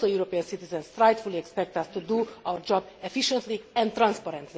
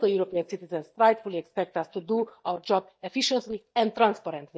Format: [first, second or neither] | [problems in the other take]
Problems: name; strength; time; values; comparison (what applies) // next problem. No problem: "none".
first | noise reduction (neural mask model DeepFilterNet 3)